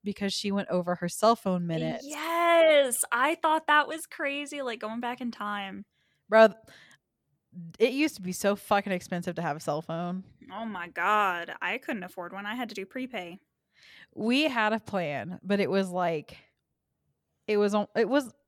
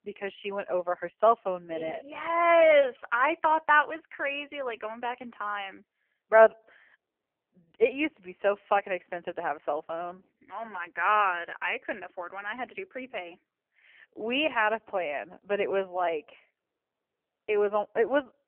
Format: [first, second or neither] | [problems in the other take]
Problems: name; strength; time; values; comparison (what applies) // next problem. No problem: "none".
first | phone-call audio; poor line; nothing above 3 kHz